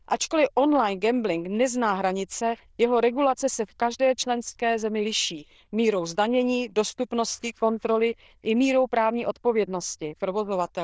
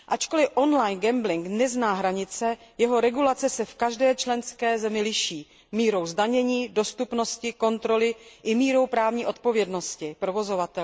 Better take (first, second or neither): second